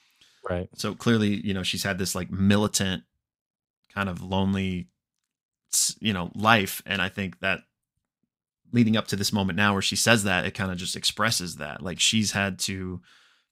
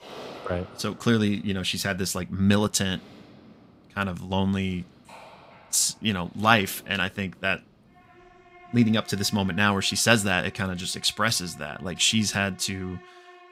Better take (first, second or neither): first